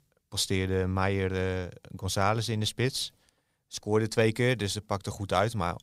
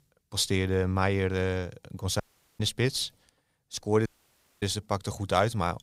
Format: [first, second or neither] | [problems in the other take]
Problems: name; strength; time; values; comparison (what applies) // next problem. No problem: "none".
first | audio cutting out; at 2 s and at 4 s for 0.5 s